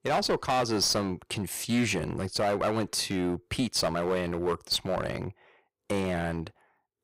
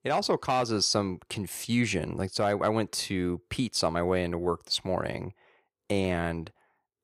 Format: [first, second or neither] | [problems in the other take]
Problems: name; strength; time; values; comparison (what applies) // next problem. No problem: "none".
second | distortion; heavy; 7% of the sound clipped